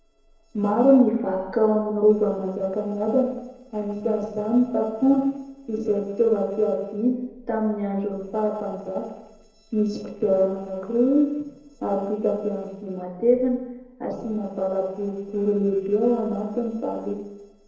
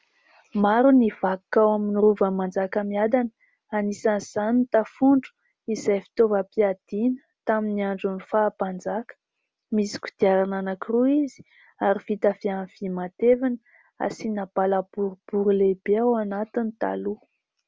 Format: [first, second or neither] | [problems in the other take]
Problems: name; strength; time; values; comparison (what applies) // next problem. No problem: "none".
second | noise reduction (neural separator model SepFormer DNS4)